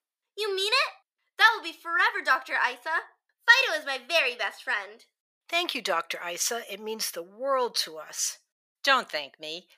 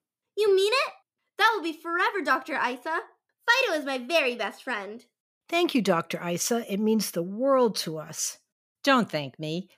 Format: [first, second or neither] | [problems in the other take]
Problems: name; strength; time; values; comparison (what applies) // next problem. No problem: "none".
second | thin; very; fading below 650 Hz